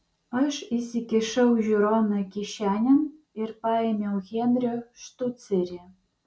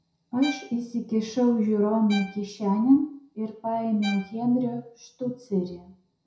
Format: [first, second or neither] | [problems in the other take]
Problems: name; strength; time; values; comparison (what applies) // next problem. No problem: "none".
first | background sound (Bowed string instrument); 16 dB below the speech // room echo; dies away in 0.5 s